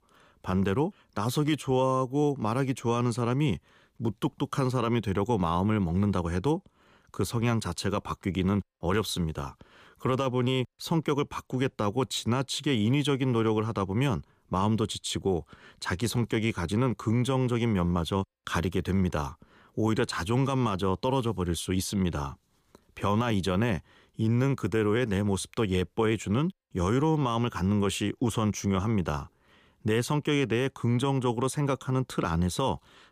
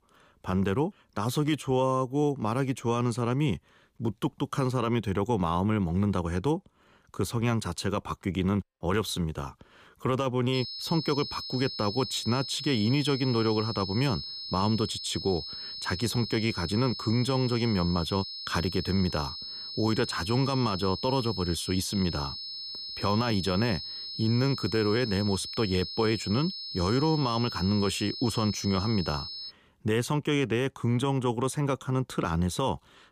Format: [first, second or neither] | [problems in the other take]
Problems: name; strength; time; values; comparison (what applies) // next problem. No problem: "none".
first | high-pitched whine; loud; from 11 to 30 s; 5 kHz, 7 dB below the speech